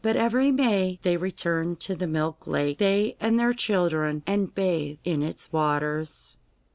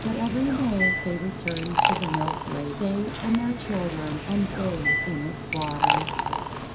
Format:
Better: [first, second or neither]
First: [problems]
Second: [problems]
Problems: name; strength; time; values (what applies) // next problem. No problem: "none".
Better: first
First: none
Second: background sound (Liquid); as loud as the speech // room echo; dies away in 0.3 s